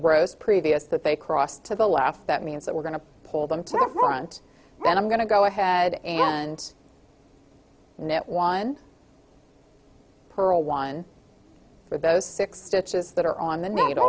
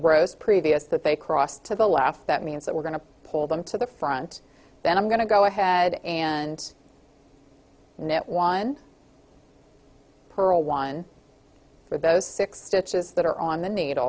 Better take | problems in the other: second | background sound (Bark); 8 dB below the speech

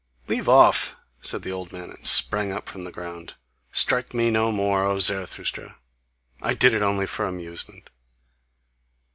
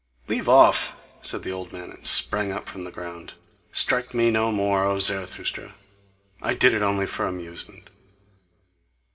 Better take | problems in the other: first | room echo; dies away in 1 s

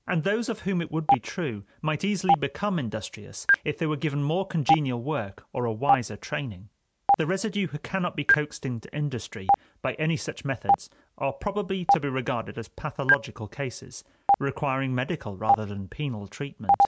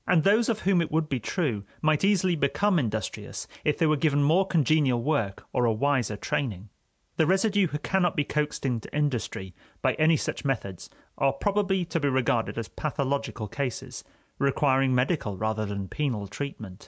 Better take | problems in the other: second | background sound (Stream); as loud as the speech

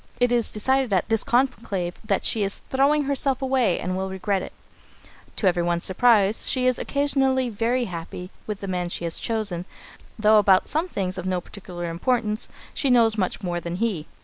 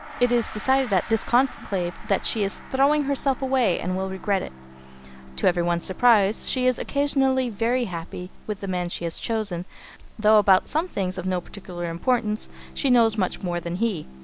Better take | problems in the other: first | background sound (Gong + Bowed string instrument); 20 dB below the speech

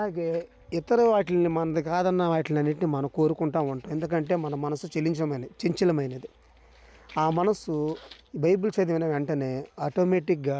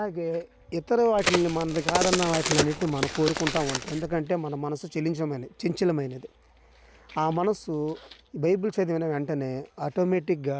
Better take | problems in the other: first | background sound (Crack); 2 dB below the speech

